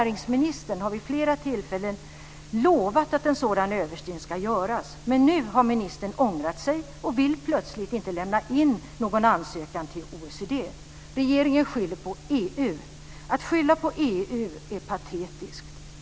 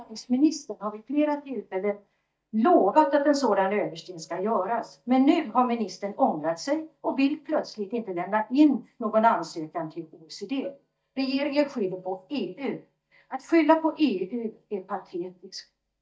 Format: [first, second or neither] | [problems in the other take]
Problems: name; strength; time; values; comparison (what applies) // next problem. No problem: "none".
first | noise reduction (neural mask model DeepFilterNet 3)